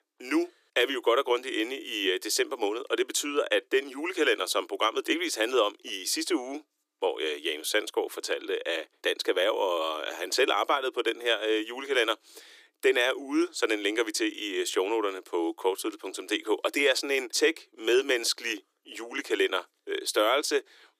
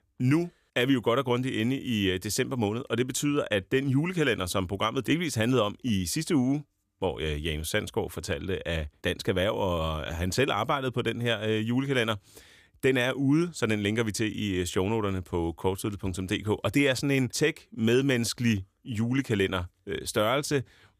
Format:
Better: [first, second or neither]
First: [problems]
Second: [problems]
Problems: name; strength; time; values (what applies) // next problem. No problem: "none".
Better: second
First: thin; very; fading below 300 Hz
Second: none